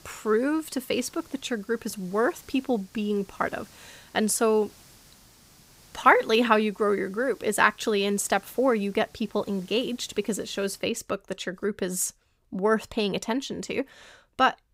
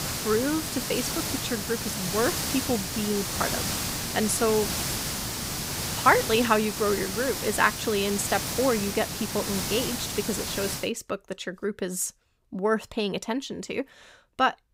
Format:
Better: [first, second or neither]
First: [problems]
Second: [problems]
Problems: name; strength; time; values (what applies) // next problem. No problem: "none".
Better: first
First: hiss; faint; until 11 s; 25 dB below the speech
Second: hiss; loud; until 11 s; 2 dB below the speech